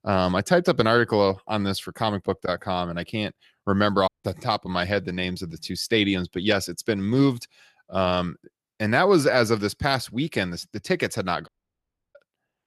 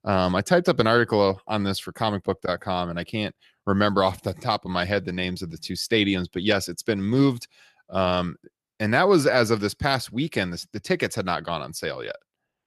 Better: second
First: audio cutting out; at 4 s and at 11 s for 0.5 s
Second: none

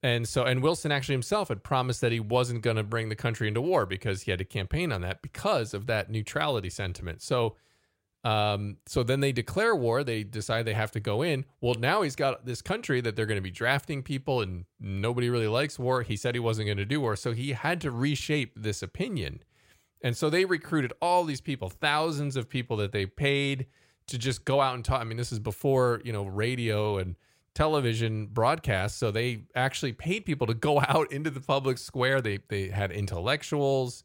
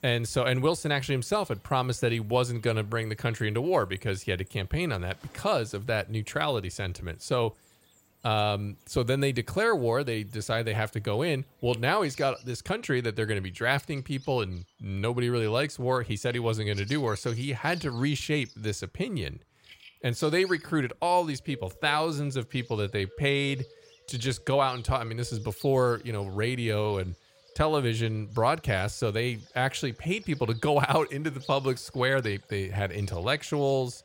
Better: first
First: none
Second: animal sounds; faint; throughout; 25 dB below the speech

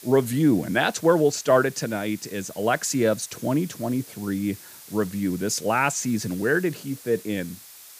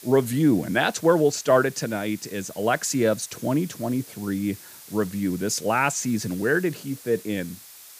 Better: neither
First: hiss; noticeable; throughout; 20 dB below the speech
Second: hiss; noticeable; throughout; 20 dB below the speech

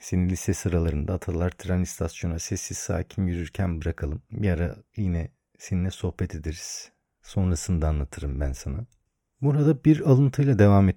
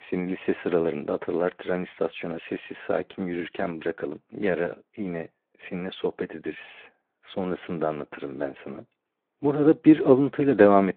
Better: first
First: none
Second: phone-call audio; nothing above 3.5 kHz

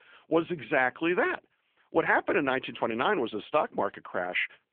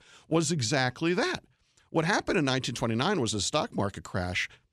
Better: second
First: phone-call audio; nothing above 3.5 kHz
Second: none

